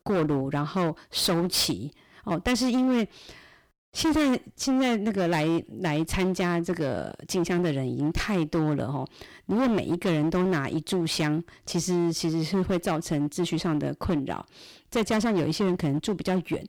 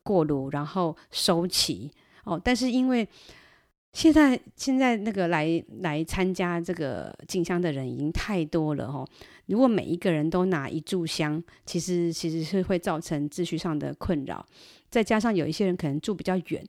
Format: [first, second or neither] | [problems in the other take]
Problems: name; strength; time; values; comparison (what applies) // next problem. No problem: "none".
second | distortion; heavy; 16% of the sound clipped